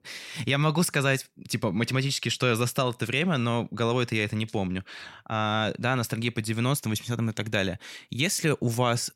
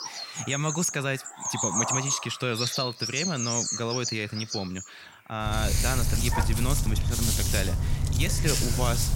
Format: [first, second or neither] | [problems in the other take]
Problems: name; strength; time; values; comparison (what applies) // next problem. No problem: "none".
first | animal sounds; very loud; throughout; 3 dB above the speech